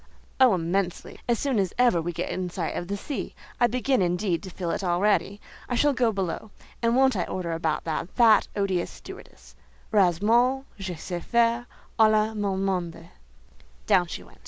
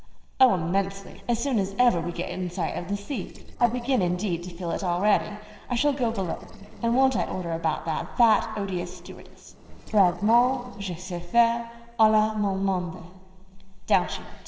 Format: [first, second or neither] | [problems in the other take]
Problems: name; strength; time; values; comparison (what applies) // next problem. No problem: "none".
first | noise reduction (neural separator model SepFormer DNS4)